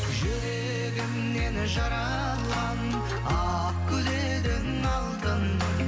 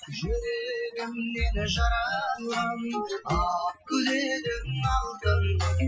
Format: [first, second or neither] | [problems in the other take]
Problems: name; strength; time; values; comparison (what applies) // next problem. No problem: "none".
first | noise reduction (classical method Wiener filter)